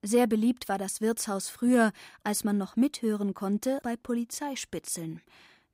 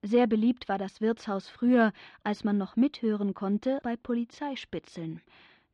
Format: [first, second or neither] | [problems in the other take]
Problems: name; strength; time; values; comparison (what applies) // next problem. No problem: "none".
first | muffled; slightly; fading above 3.5 kHz